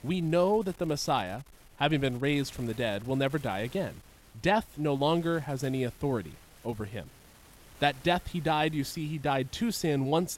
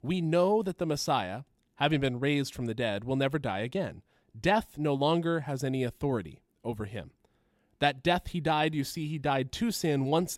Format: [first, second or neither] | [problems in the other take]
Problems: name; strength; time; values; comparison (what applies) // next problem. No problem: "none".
second | wind noise on the microphone; occasional gusts; 25 dB below the speech